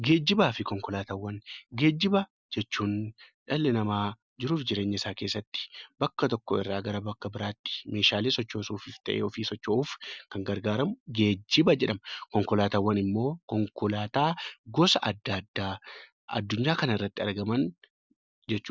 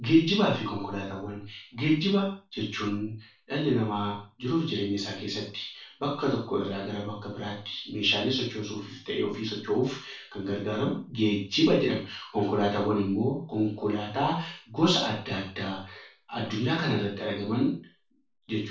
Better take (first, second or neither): first